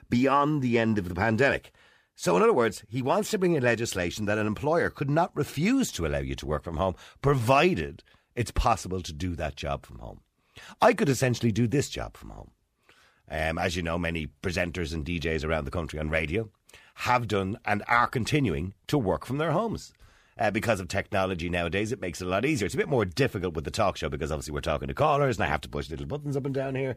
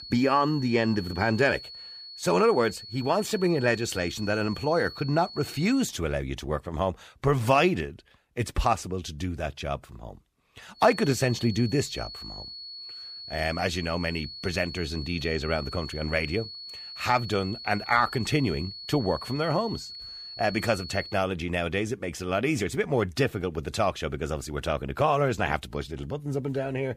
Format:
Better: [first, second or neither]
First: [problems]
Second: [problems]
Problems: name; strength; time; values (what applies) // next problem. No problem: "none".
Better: first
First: none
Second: high-pitched whine; noticeable; until 6 s and from 11 to 21 s; 4.5 kHz, 10 dB below the speech